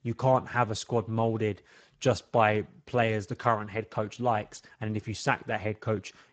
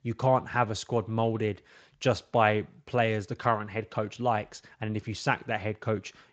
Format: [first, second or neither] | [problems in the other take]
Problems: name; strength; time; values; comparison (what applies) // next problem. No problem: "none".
second | garbled, watery; badly; nothing above 7.5 kHz; slightly in the second